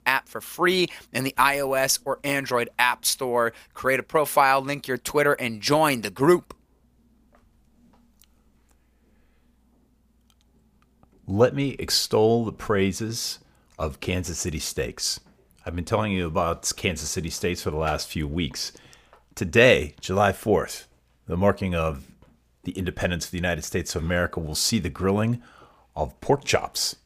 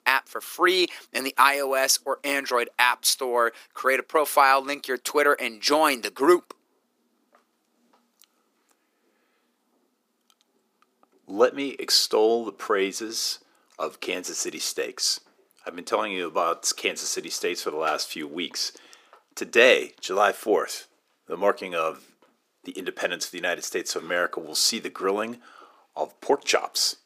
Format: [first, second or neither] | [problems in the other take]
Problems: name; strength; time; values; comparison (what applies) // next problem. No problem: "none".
first | thin; somewhat; fading below 300 Hz